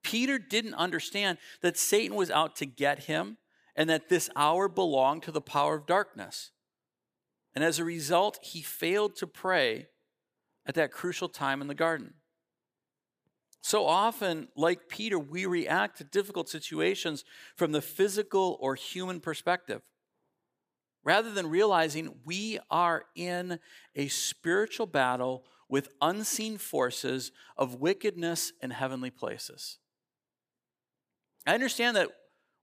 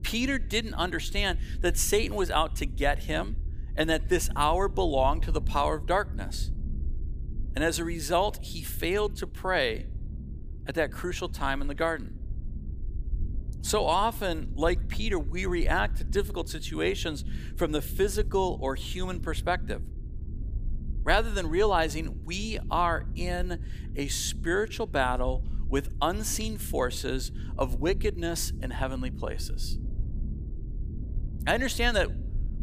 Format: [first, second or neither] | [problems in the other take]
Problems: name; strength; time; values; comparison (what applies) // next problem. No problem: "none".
first | low rumble; faint; throughout; 25 dB below the speech